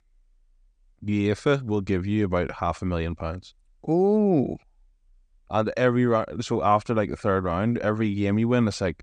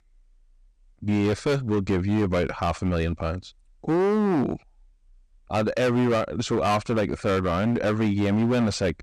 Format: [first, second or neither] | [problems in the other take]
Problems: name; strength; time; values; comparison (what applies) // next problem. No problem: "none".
first | distortion; heavy; 15% of the sound clipped